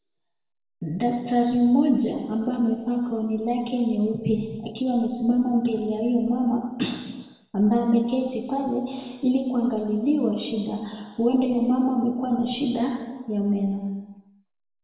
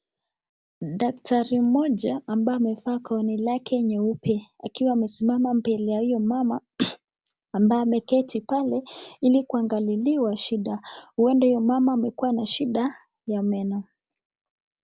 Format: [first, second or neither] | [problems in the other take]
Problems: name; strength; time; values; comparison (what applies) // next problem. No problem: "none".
second | room echo; dies away in 1.2 s